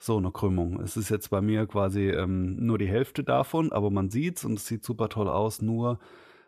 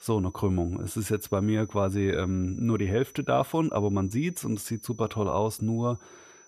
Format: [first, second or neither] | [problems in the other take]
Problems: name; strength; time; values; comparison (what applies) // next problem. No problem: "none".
first | high-pitched whine; faint; throughout; 6 kHz, 25 dB below the speech